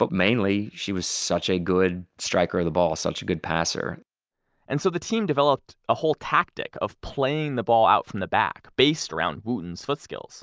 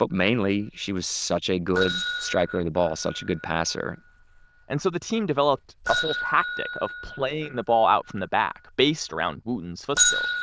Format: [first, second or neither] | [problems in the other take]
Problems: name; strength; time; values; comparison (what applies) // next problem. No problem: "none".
first | noise reduction (neural diffusion model UNIVERSE++)